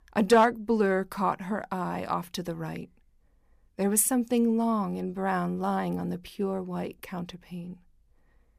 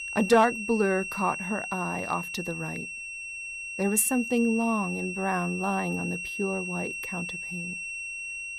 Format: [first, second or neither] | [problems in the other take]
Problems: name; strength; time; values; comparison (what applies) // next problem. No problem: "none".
first | high-pitched whine; loud; throughout; 2.5 kHz, 5 dB below the speech